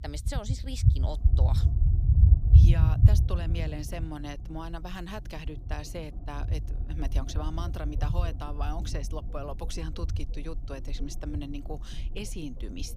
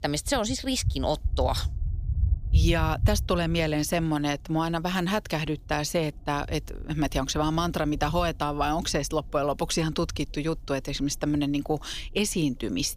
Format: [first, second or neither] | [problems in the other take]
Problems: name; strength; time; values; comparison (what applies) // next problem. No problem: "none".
second | low rumble; loud; throughout; 2 dB below the speech; faint in the second